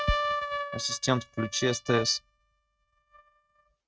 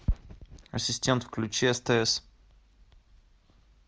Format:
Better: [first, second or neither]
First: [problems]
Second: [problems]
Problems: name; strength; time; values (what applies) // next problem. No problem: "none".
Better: second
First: noise reduction (neural mask model RNNoise)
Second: none